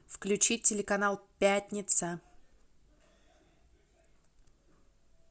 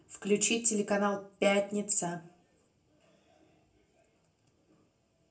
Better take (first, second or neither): first